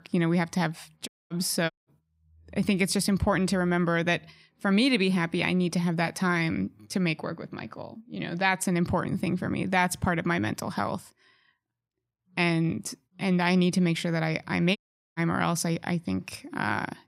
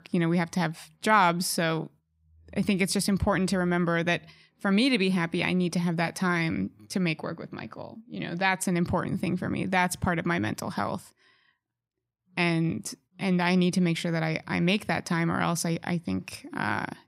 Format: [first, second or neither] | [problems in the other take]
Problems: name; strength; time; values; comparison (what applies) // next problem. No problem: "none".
second | audio cutting out; at 1 s, at 1.5 s and at 15 s